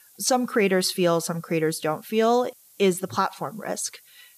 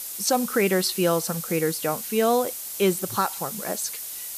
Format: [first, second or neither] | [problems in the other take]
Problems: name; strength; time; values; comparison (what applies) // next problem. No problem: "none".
first | hiss; loud; throughout; 6 dB below the speech; faint in the first